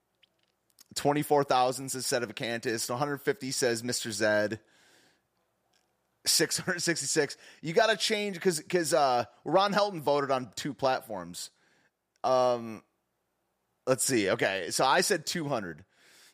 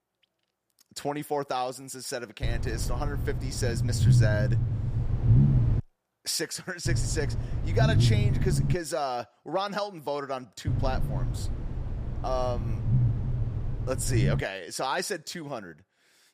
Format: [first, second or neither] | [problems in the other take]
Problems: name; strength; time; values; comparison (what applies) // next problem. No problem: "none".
first | low rumble; loud; from 2.5 to 6 s, from 7 to 8.5 s and from 11 to 14 s; 7 dB below the speech